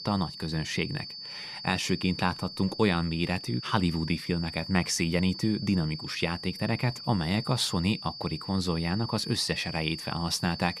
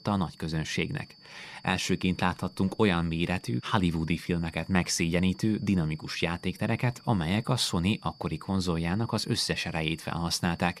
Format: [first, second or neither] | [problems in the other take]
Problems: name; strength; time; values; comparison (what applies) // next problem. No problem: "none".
second | high-pitched whine; loud; throughout; 4.5 kHz, 9 dB below the speech; faint in the second